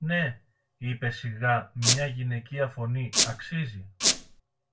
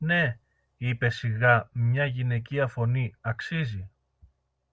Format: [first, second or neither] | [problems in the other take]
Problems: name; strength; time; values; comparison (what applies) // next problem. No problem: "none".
second | background sound (Squeak); 4 dB above the speech // room echo; dies away in 0.2 s